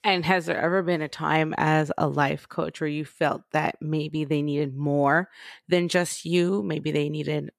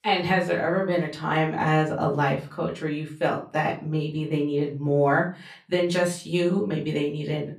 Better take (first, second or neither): first